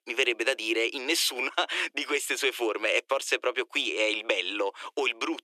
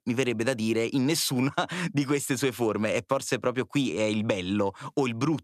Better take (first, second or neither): second